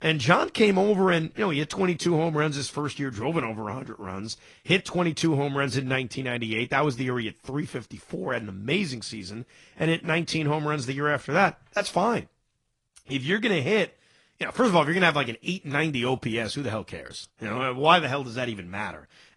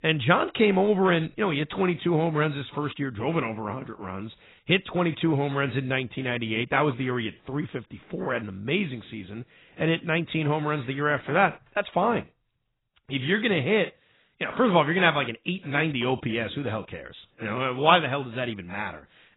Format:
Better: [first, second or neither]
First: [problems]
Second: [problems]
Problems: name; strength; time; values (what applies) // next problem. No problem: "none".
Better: first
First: garbled, watery; slightly; nothing above 10.5 kHz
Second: garbled, watery; badly; nothing above 4 kHz